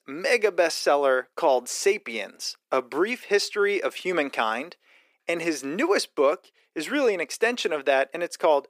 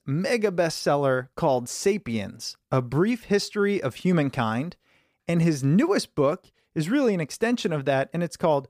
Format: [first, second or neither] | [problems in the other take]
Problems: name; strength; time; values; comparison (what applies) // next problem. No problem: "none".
second | thin; somewhat; fading below 350 Hz